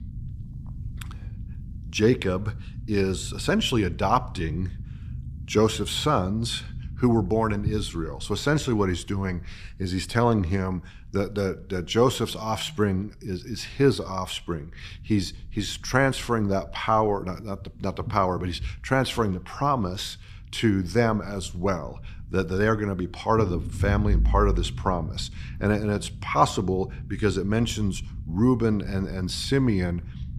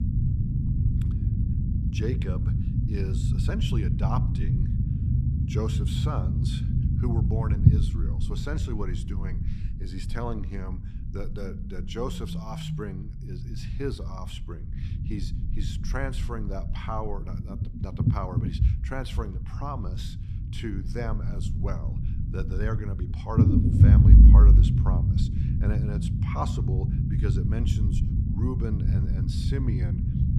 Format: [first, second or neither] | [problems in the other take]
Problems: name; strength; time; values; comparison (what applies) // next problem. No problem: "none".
first | low rumble; loud; throughout; as loud as the speech; faint in the first